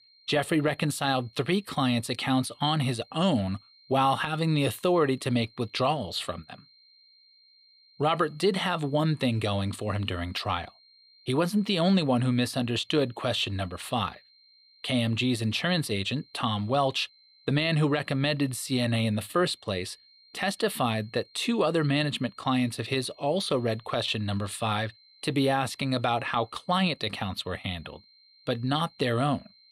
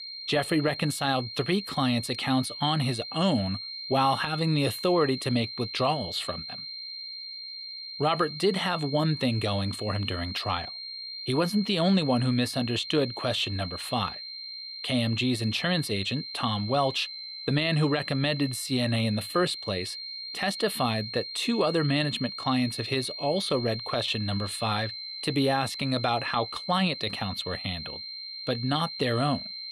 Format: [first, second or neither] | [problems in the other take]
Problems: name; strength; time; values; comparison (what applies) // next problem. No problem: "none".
first | high-pitched whine; loud; throughout; 4 kHz, 8 dB below the speech; faint in the first